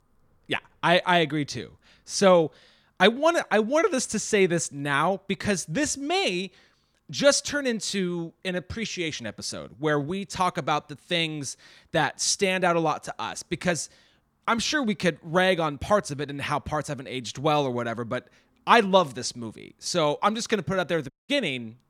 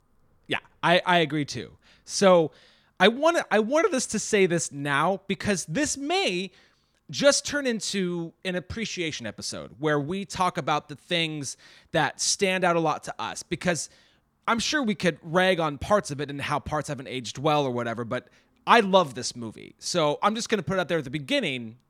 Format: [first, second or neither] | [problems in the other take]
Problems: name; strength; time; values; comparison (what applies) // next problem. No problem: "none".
second | audio cutting out; at 21 s